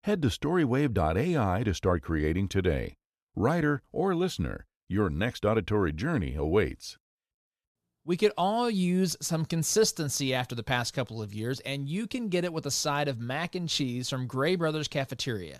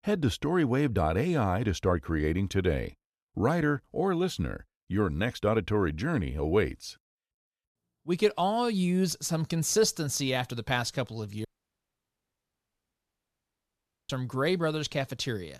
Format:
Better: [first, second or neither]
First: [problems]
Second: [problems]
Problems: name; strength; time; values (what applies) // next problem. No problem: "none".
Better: first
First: none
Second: audio cutting out; at 11 s for 2.5 s